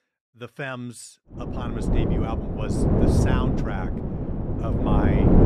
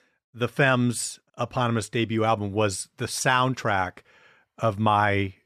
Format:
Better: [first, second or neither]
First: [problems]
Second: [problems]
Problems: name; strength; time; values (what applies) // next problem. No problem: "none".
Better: second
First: wind noise on the microphone; heavy; from 1.5 s on; 5 dB above the speech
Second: none